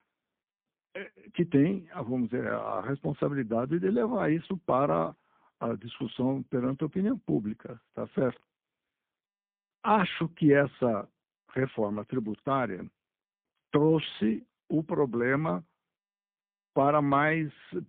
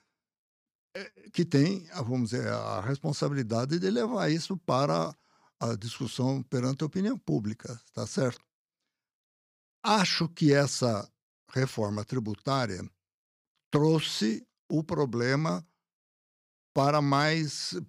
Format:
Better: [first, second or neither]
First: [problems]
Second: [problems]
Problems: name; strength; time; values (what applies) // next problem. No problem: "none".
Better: second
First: phone-call audio; poor line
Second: none